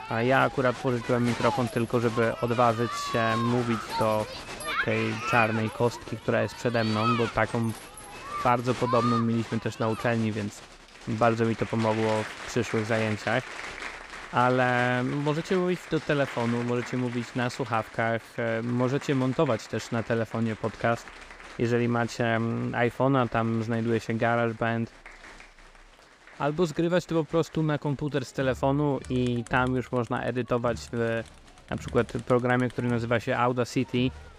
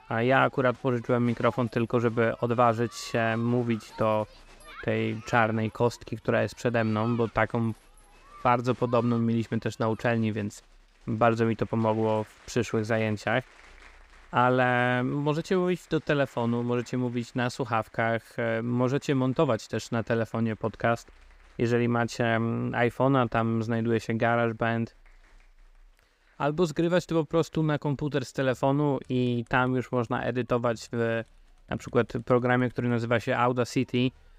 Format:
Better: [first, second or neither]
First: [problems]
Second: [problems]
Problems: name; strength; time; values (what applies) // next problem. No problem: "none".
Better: second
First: crowd noise; loud; throughout; 10 dB below the speech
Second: crowd noise; faint; throughout; 25 dB below the speech